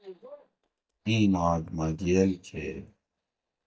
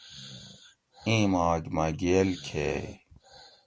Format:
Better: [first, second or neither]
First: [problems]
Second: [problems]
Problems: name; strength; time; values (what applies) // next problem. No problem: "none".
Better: second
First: noise reduction (neural mask model DeepFilterNet 3)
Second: none